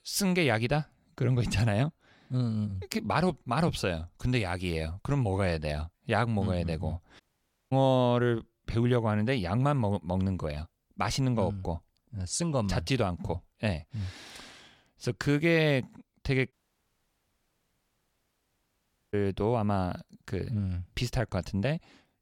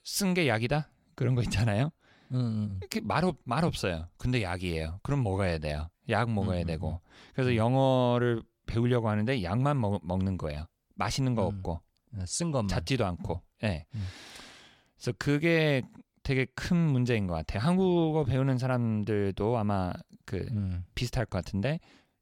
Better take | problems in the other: second | audio cutting out; at 7 s for 0.5 s and at 17 s for 2.5 s

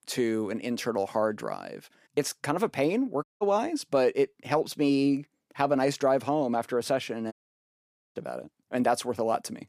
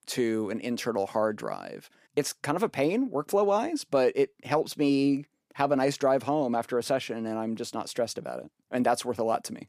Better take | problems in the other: second | audio cutting out; at 3 s and at 7.5 s for 1 s

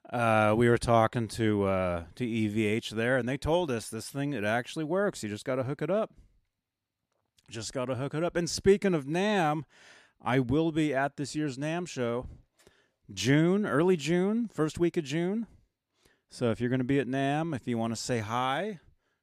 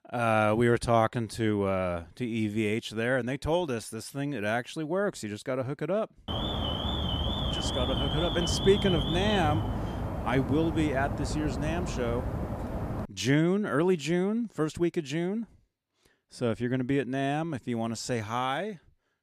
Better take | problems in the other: first | alarm; noticeable; from 6.5 to 13 s; peak level with the speech

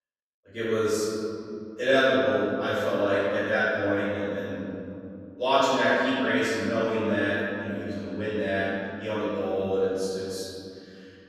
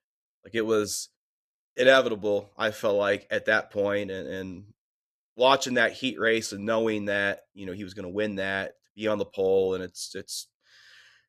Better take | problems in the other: second | off-mic speech; far // room echo; strong; dies away in 3 s

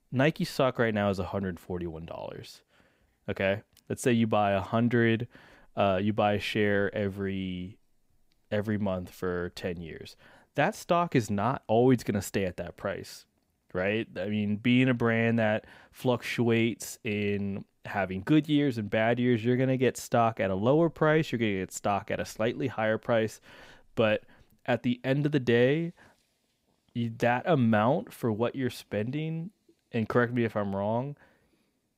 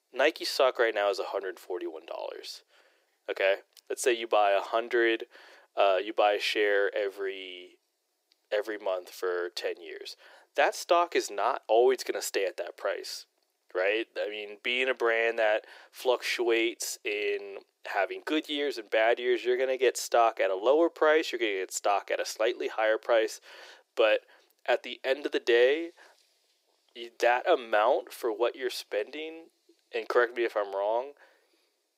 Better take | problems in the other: first | thin; very; fading below 350 Hz

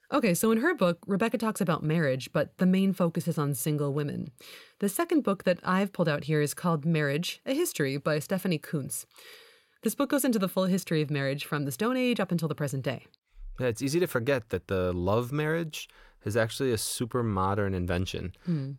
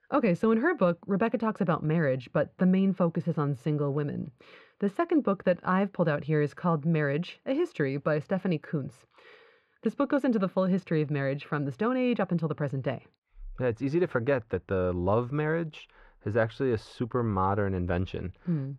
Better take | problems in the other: first | muffled; very; fading above 2 kHz

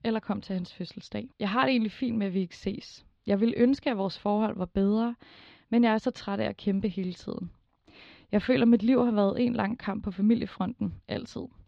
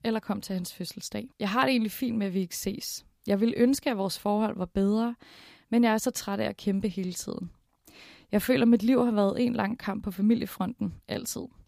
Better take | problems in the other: second | muffled; very slightly; fading above 4 kHz

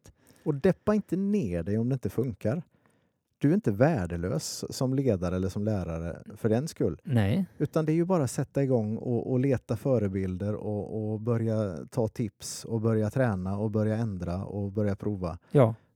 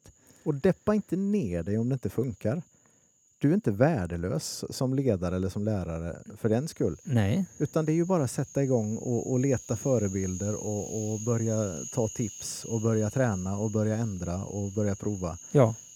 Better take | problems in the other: first | animal sounds; noticeable; throughout; 15 dB below the speech

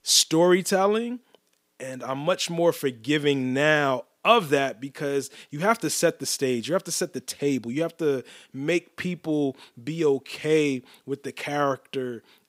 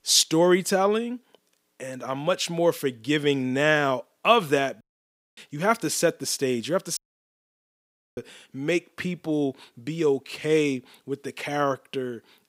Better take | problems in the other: first | audio cutting out; at 5 s for 0.5 s and at 7 s for 1 s

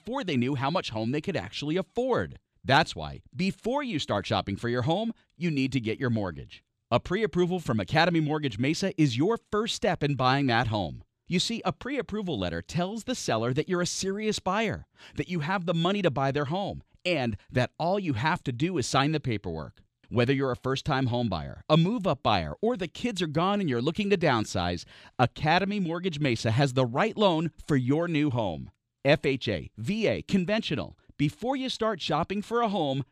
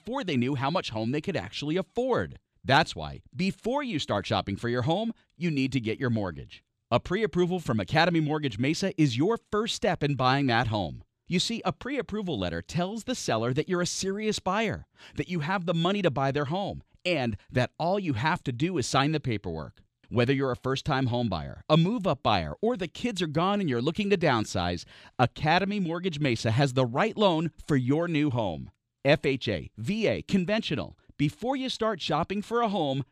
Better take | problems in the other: neither | none

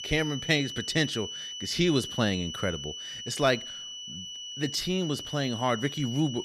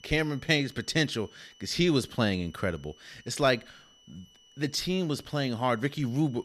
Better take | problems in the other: second | high-pitched whine; loud; throughout; 3 kHz, 8 dB below the speech; faint in the second

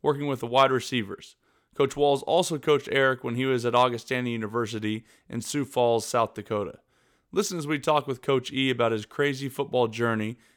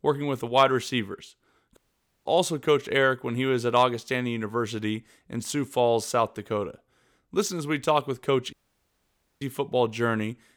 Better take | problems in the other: first | audio cutting out; at 2 s and at 8.5 s for 1 s

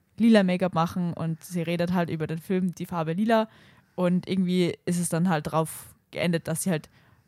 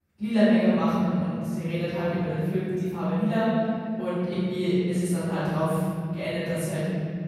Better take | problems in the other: first | off-mic speech; far // room echo; strong; dies away in 2.8 s

